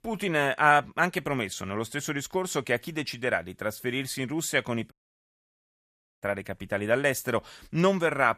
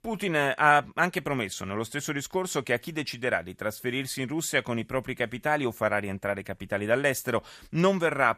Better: second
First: audio cutting out; at 5 s for 1.5 s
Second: none

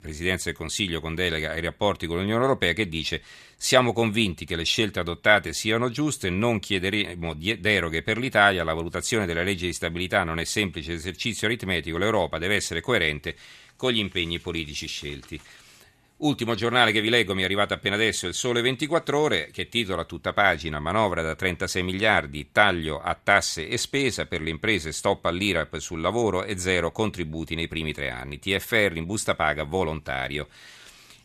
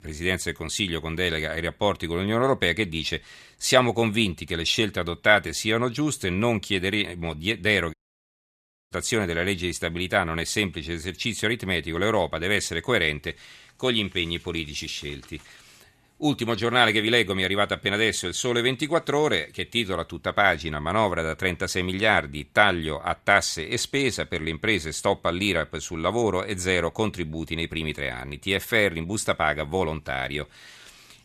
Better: first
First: none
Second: audio cutting out; at 8 s for 1 s

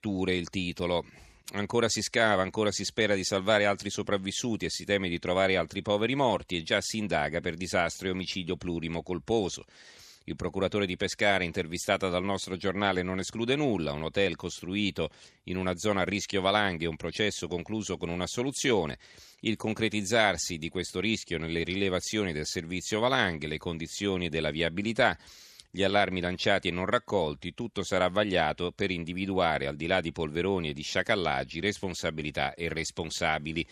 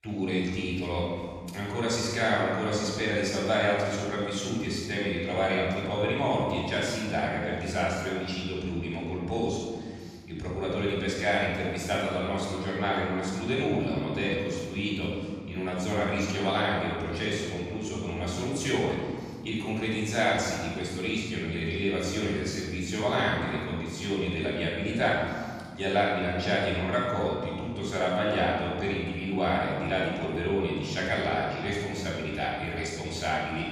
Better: first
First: none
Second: off-mic speech; far // room echo; strong; dies away in 1.9 s

